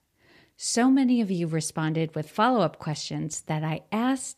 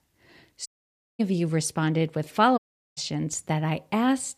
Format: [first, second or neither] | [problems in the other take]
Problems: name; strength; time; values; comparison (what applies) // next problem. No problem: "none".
first | audio cutting out; at 0.5 s for 0.5 s and at 2.5 s